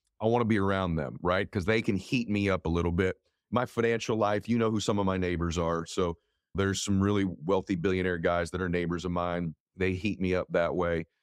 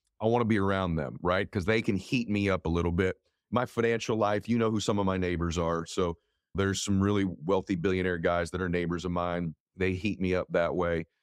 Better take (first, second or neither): neither